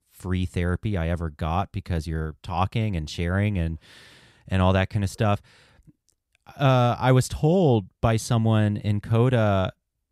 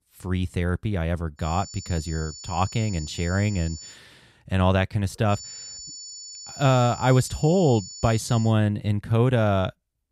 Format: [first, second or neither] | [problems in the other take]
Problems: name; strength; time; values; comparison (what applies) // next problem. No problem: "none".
first | high-pitched whine; noticeable; from 1.5 to 4 s and from 5.5 to 8.5 s; 7 kHz, 15 dB below the speech